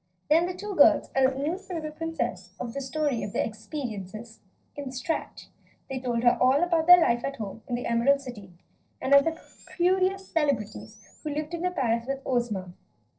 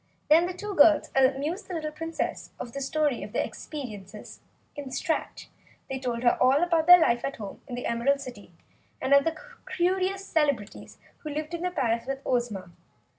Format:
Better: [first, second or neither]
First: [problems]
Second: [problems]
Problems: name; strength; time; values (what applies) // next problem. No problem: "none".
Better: second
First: noise reduction (neural separator model SepFormer DNS4)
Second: none